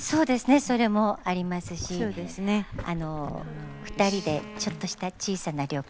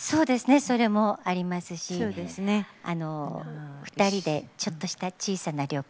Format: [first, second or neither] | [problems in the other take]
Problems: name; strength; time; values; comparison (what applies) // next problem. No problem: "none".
second | background sound (Boiling + Bowed string instrument); 15 dB below the speech